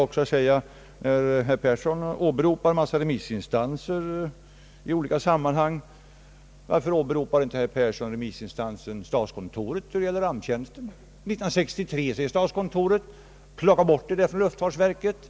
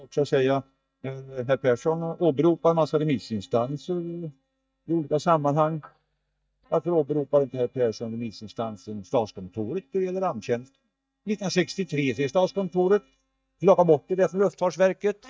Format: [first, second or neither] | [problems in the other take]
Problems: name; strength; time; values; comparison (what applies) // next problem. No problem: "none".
first | noise reduction (neural mask model DeepFilterNet 3)